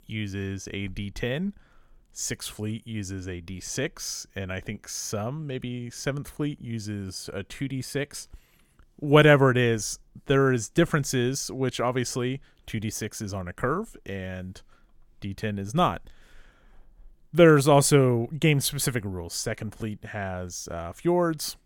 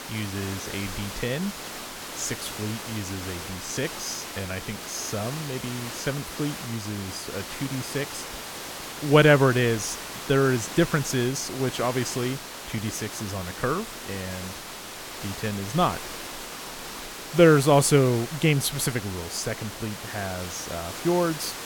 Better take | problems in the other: first | hiss; loud; throughout; 9 dB below the speech

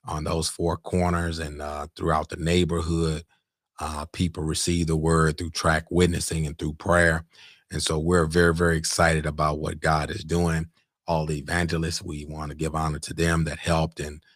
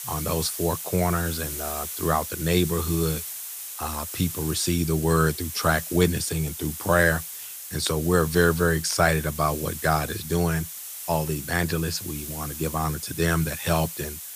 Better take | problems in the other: first | hiss; loud; throughout; 8 dB below the speech

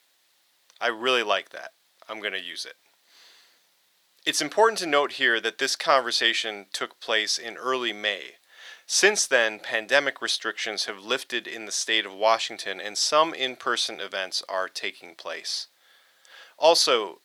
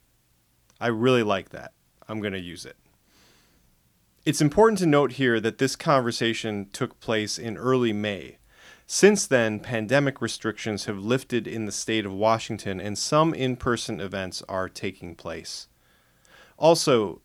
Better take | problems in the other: second | thin; very; fading below 650 Hz

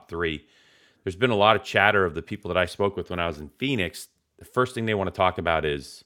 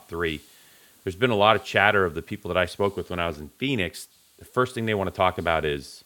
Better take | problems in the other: first | hiss; faint; throughout; 30 dB below the speech

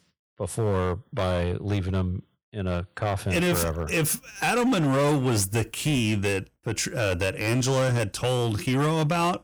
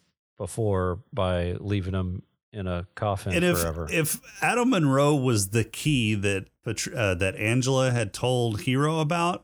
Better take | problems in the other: second | distortion; slight; 13% of the sound clipped

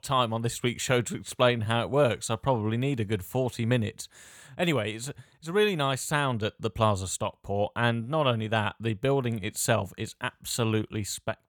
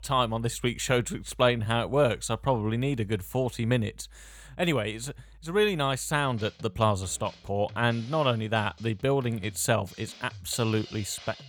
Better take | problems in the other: first | background music; faint; throughout; 20 dB below the speech

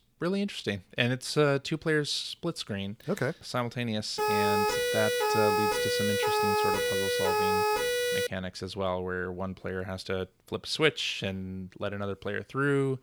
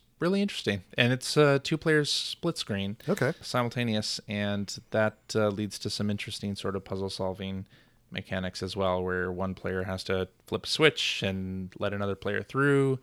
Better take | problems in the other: second | siren; loud; from 4 to 8.5 s; peak 6 dB above the speech

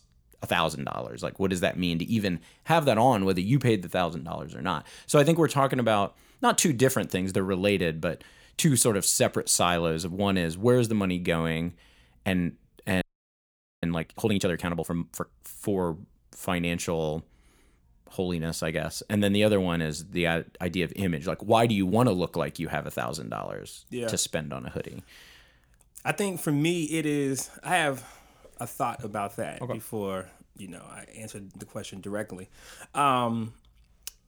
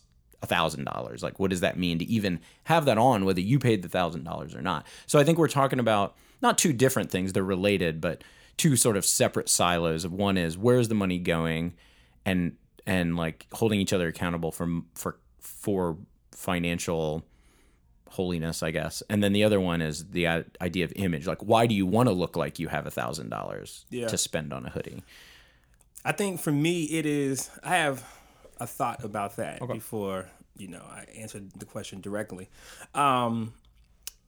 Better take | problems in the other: second | audio freezing; at 13 s for 1 s

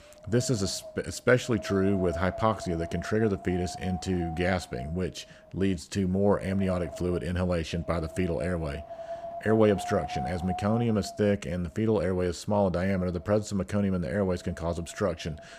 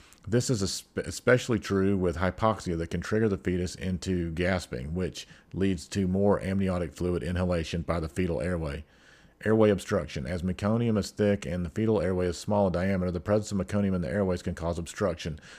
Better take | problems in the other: second | wind noise on the microphone; heavy; 9 dB below the speech

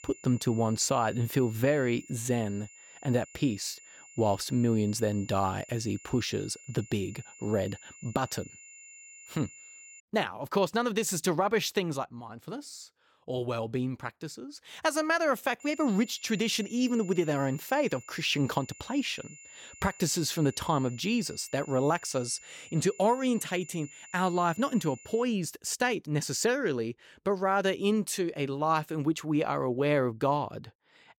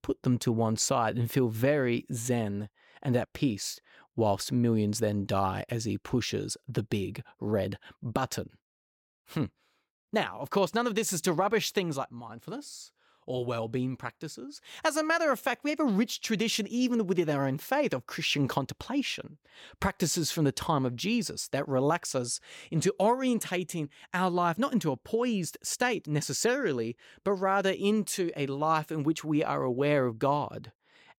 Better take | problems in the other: second | high-pitched whine; noticeable; until 10 s and from 16 to 25 s; 7 kHz, 20 dB below the speech

